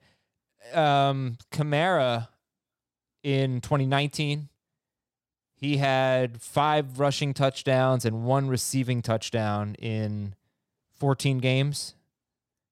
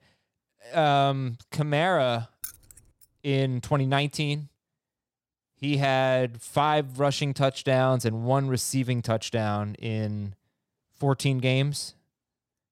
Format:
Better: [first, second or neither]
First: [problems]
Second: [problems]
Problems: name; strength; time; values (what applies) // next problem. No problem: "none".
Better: first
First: none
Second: jangling keys; faint; at 2.5 s; peak 15 dB below the speech